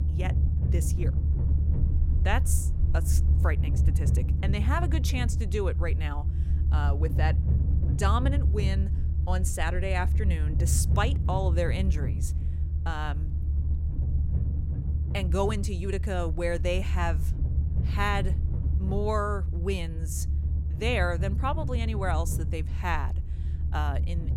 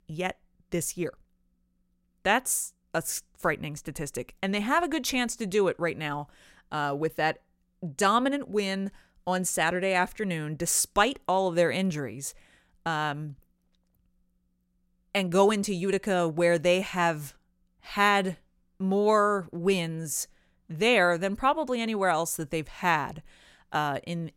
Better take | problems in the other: second | low rumble; noticeable; throughout; 10 dB below the speech

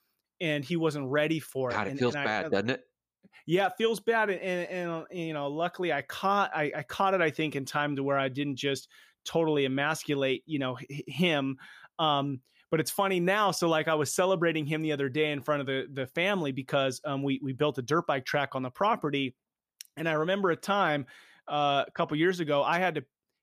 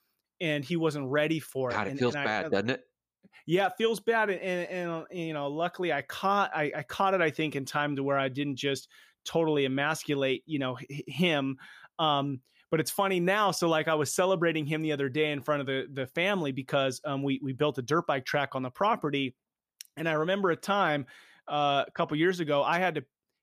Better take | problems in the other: neither | none

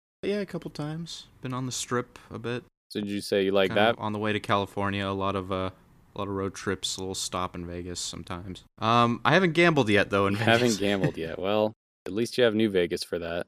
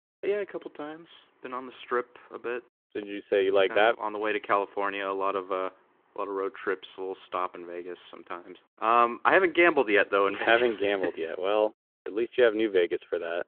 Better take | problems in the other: first | phone-call audio

